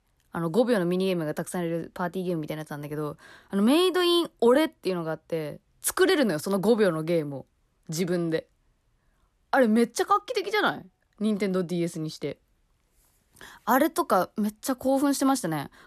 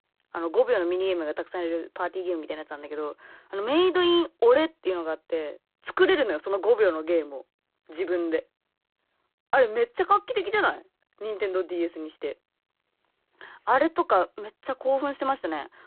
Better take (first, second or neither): first